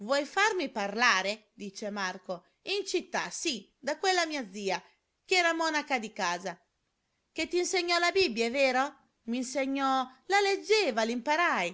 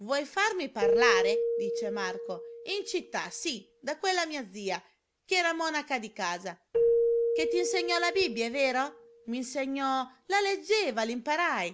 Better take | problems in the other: first | background sound (Keyboard (musical)); 2 dB below the speech

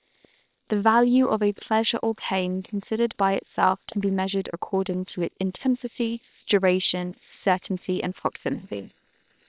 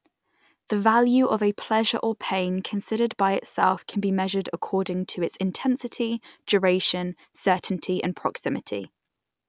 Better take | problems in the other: second | noise reduction (neural separator model SepFormer WHAM!)

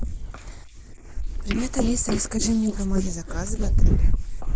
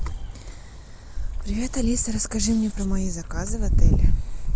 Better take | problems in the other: second | noise reduction (neural mask model Resemble Enhance denoiser)

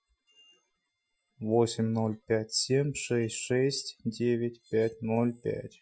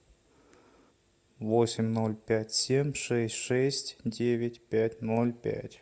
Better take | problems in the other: second | noise reduction (classical method Wiener filter)

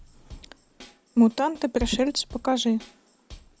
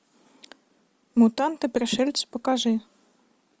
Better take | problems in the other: second | background sound (Bass drum / Snare drum / Drum kit); 16 dB below the speech

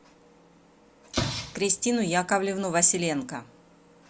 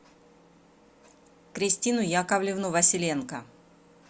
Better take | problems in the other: second | background sound (Explosion); 8 dB below the speech

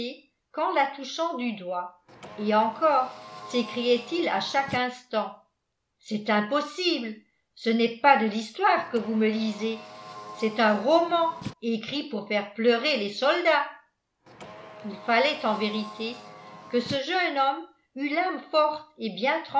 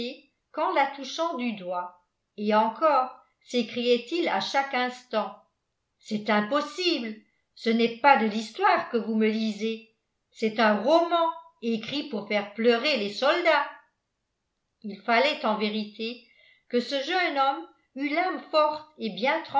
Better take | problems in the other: second | background sound (Car); 17 dB below the speech

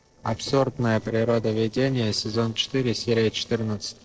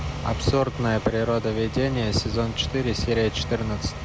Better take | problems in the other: second | noise reduction (neural separator model SepFormer DNS4)

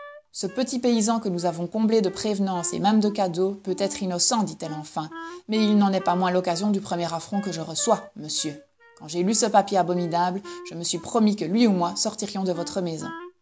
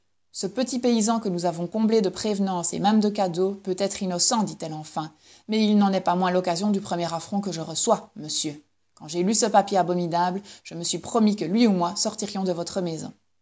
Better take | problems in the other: second | background sound (Wind instrument, woodwind instrument); 19 dB below the speech

